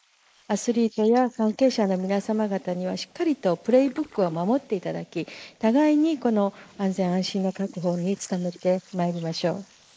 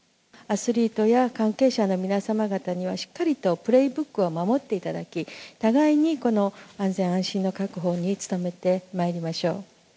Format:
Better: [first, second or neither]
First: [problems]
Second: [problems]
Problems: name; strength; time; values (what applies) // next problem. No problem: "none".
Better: second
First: noise reduction (neural mask model Resemble Enhance denoiser)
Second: none